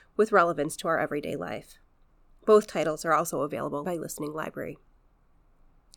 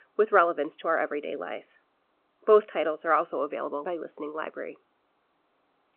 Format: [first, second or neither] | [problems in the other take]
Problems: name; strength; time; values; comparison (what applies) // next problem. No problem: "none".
first | phone-call audio